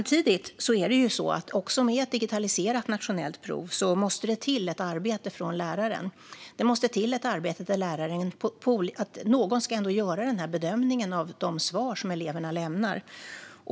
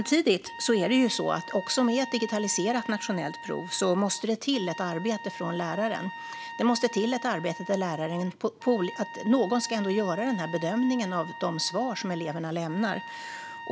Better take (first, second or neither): first